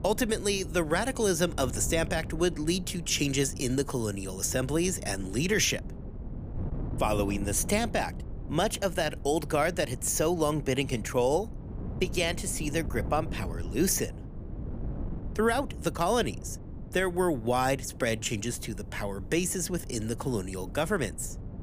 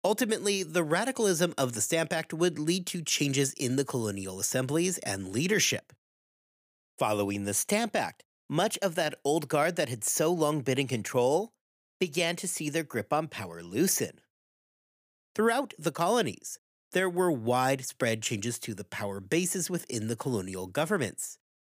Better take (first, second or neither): second